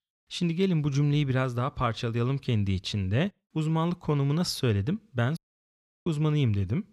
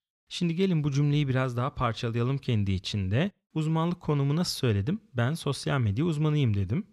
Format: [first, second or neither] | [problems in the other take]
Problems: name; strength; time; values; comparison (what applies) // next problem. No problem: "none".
second | audio cutting out; at 5.5 s for 0.5 s